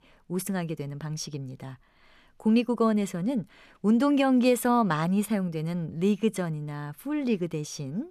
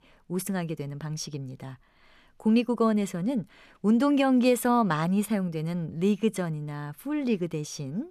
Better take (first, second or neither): neither